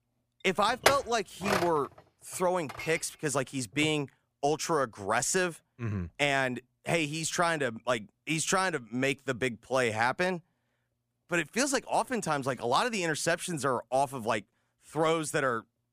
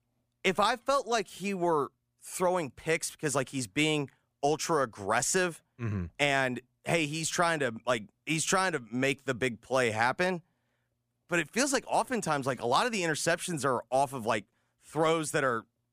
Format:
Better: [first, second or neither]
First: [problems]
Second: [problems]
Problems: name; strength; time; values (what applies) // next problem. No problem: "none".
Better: second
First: clattering dishes; loud; at 1 s; peak 3 dB above the speech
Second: none